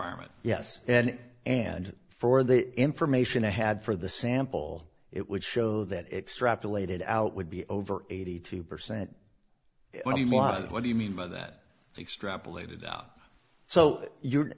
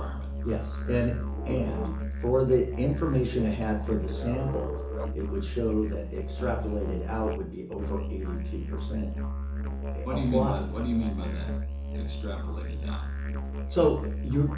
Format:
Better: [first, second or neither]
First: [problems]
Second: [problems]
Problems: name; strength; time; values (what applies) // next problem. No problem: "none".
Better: first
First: none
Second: background sound (Musical instrument); 2 dB below the speech // room echo; dies away in 0.7 s